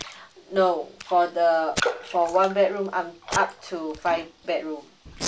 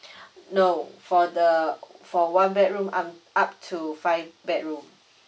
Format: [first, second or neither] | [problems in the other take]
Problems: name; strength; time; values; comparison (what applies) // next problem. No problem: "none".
second | background sound (Packing tape, duct tape + Raindrop); 10 dB below the speech